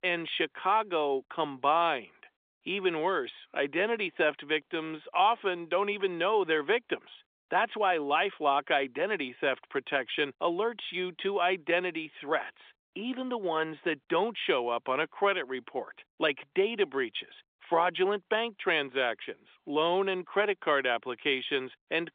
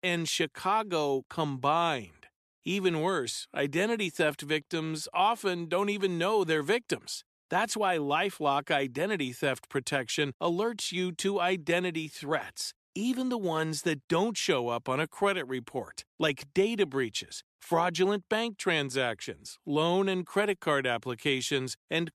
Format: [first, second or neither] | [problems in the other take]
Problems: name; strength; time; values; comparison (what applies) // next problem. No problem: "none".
second | phone-call audio; nothing above 3.5 kHz